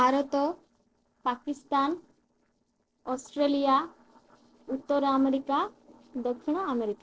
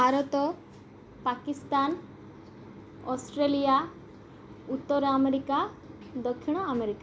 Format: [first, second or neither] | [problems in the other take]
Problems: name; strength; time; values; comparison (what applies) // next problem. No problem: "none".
second | noise reduction (neural separator model SepFormer DNS4)